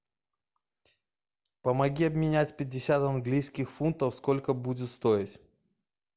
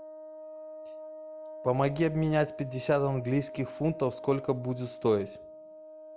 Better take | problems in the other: first | background sound (Wind instrument, woodwind instrument); 13 dB below the speech

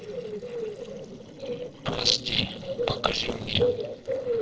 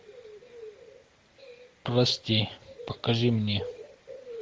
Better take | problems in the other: second | noise reduction (neural separator model SepFormer DNS4)

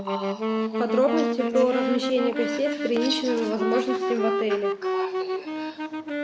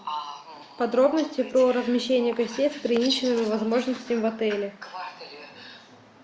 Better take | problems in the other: second | background sound (Wind instrument, woodwind instrument); 1 dB below the speech

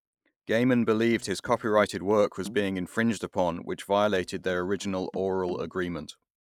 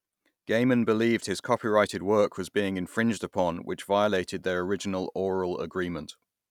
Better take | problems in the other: second | noise reduction (neural mask model Resemble Enhance denoiser)

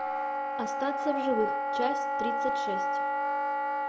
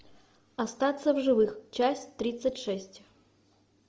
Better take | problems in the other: second | background sound (Wind instrument, woodwind instrument); 5 dB above the speech

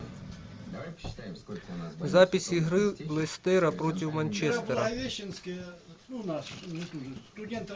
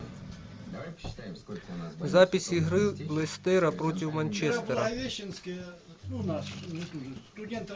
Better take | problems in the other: first | background sound (Ringtone); 11 dB below the speech

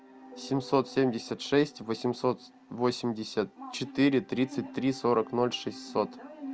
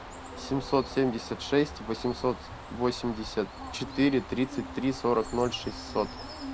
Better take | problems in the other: first | background sound (Bird); 13 dB below the speech

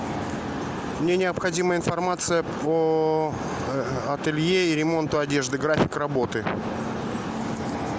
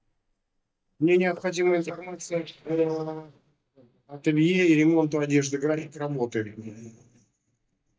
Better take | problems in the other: first | noise reduction (neural mask model DeepFilterNet 3)

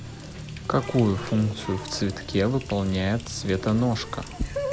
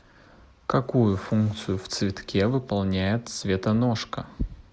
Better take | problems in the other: second | background sound (Water tap, faucet); 10 dB below the speech

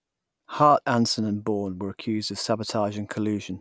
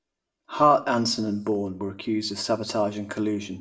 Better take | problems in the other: first | room echo; dies away in 0.4 s

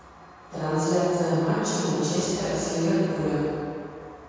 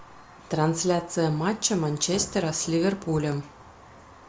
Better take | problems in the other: second | room echo; dies away in 2.2 s

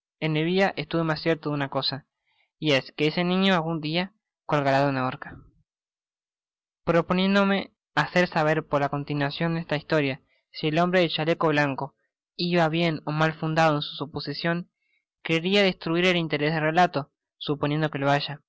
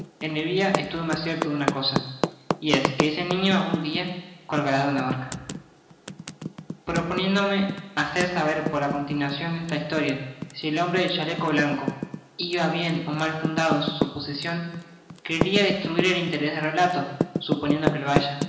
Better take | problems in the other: first | background sound (Typing); 5 dB below the speech // room echo; dies away in 1 s

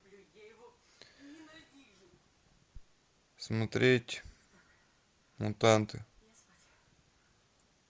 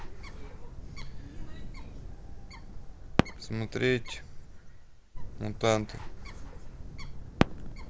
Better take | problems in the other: first | background sound (Bird + Fireworks); 2 dB above the speech

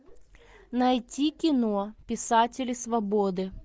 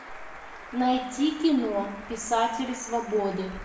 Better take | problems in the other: first | background sound (Applause); 16 dB below the speech // room echo; dies away in 0.8 s

